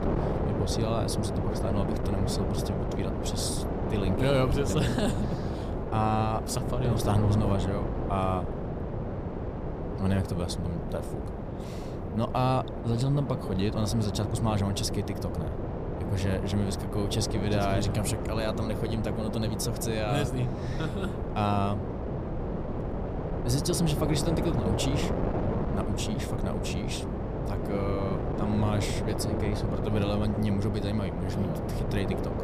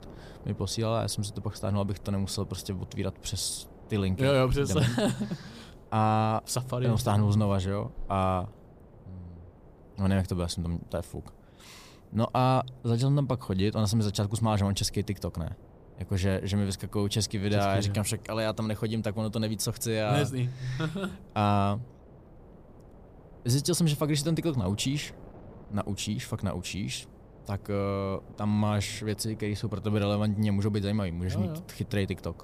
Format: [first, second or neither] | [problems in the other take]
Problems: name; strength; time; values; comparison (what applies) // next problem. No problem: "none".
second | wind noise on the microphone; heavy; 2 dB below the speech; occasional gusts in the second